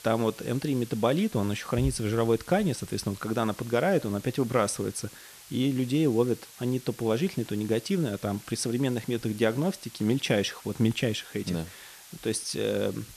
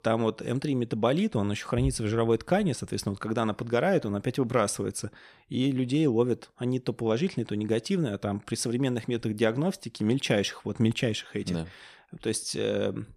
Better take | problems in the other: second | hiss; noticeable; throughout; 20 dB below the speech

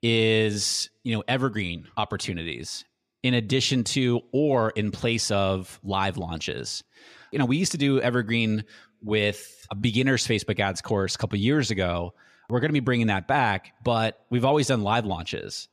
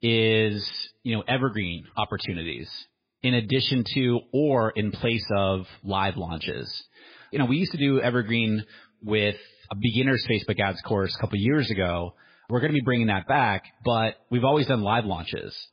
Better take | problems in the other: first | garbled, watery; badly; nothing above 5 kHz

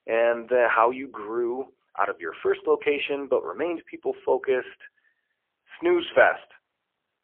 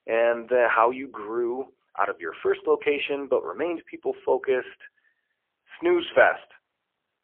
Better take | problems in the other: neither | phone-call audio; poor line; nothing above 3.5 kHz; the same in both

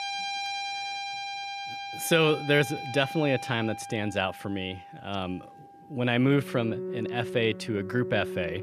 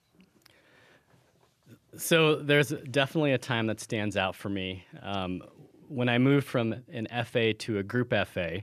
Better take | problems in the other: second | background music; loud; throughout; 8 dB below the speech

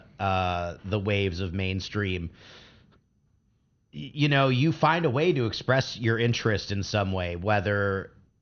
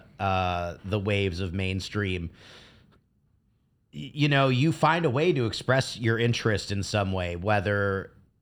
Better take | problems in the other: second | garbled, watery; slightly; nothing above 6 kHz

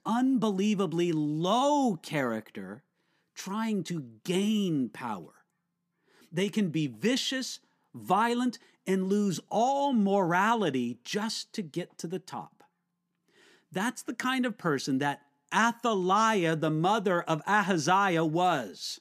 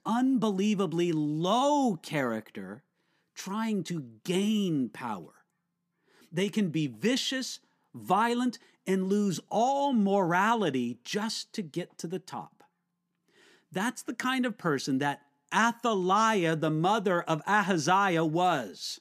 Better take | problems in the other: neither | none

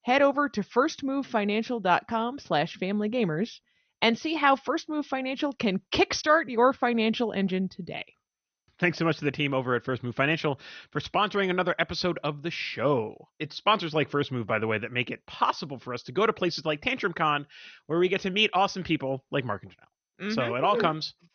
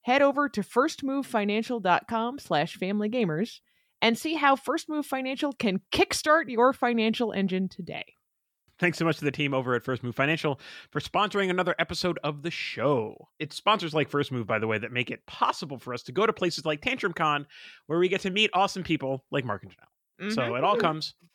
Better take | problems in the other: second | garbled, watery; slightly; nothing above 6 kHz

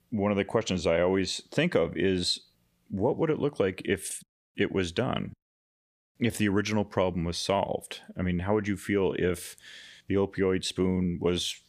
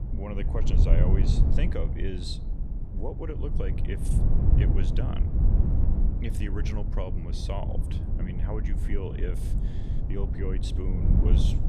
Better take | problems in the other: first | low rumble; loud; throughout; 2 dB below the speech

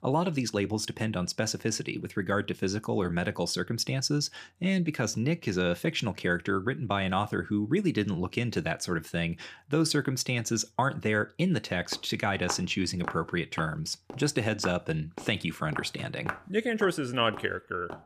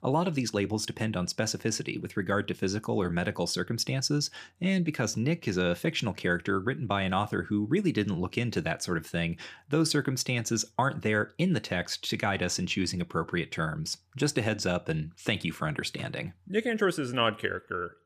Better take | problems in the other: second | footsteps; noticeable; from 12 s on; peak 8 dB below the speech

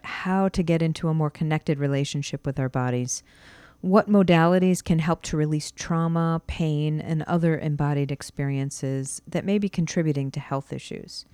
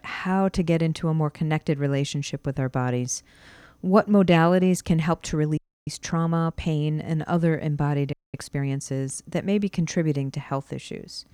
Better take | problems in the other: first | audio freezing; at 5.5 s and at 8 s

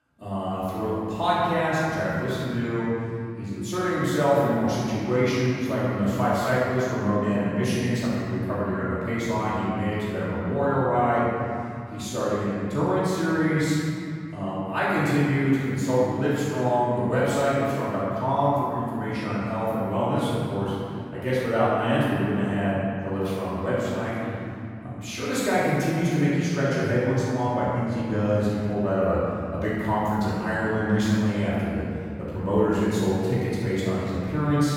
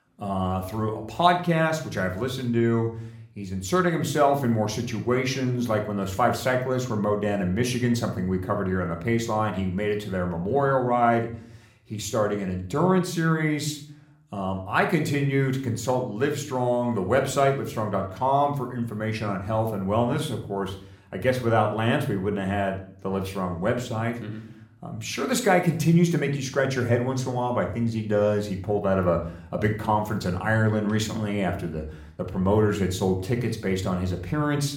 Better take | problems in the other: second | room echo; strong; dies away in 2.7 s; slight in the second // off-mic speech; far

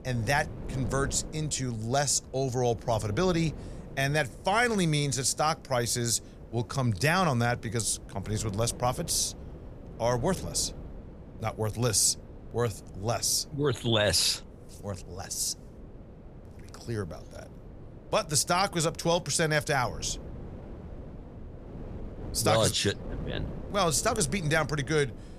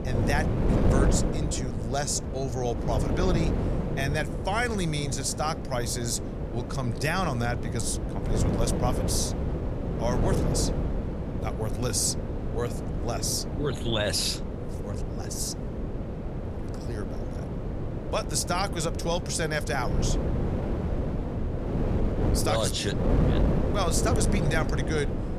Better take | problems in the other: first | wind noise on the microphone; heavy; 5 dB below the speech; occasional gusts in the first

